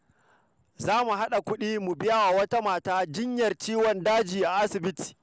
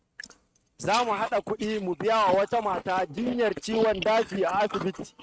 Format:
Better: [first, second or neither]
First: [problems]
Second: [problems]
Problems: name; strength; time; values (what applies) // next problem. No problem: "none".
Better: first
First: none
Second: noise reduction (neural mask model RNNoise)